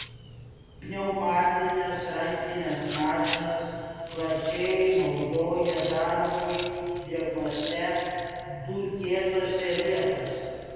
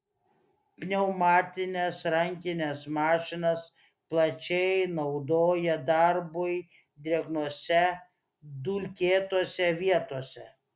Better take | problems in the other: second | background sound (Rattle); 14 dB below the speech // room echo; dies away in 2.1 s

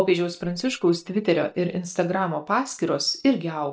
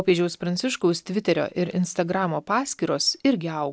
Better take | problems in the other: second | noise reduction (neural mask model DeepFilterNet 3)

